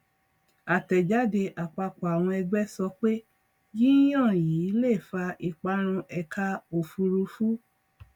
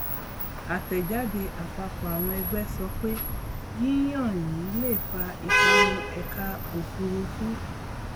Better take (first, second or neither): first